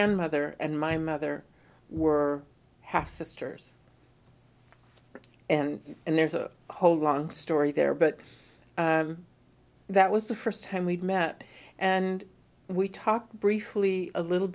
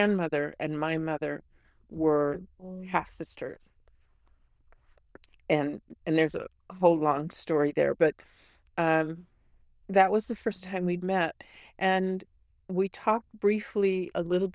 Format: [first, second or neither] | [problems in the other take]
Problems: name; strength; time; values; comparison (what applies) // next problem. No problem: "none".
first | noise reduction (neural diffusion model UNIVERSE++)